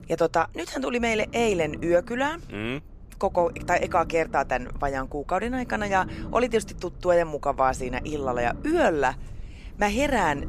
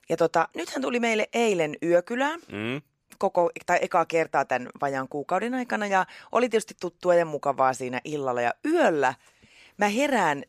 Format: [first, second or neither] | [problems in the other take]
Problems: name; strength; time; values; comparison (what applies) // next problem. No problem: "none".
second | low rumble; faint; throughout; 20 dB below the speech